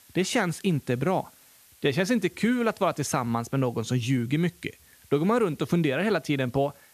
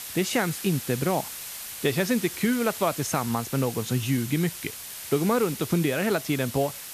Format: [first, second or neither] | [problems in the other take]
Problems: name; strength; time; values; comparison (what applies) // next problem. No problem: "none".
first | hiss; loud; throughout; 9 dB below the speech; faint in the first